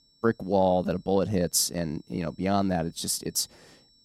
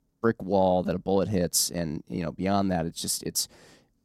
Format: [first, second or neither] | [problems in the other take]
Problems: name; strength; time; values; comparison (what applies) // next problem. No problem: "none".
second | high-pitched whine; faint; throughout; 5.5 kHz, 35 dB below the speech